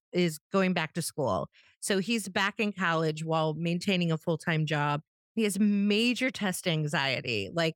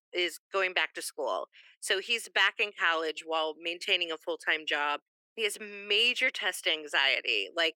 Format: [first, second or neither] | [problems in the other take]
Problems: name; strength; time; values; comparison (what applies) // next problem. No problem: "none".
first | thin; very; fading below 350 Hz